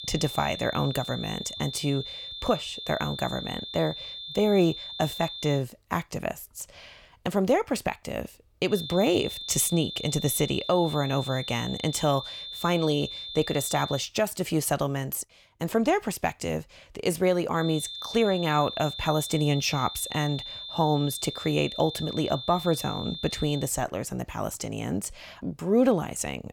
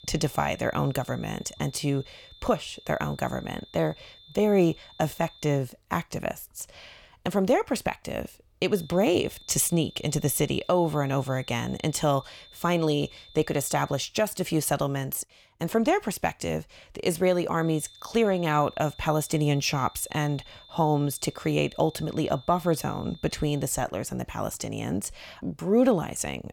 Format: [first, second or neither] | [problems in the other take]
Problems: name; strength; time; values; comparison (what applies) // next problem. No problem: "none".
second | high-pitched whine; loud; until 5.5 s, from 8.5 to 14 s and from 18 to 24 s; 3.5 kHz, 8 dB below the speech; faint in the second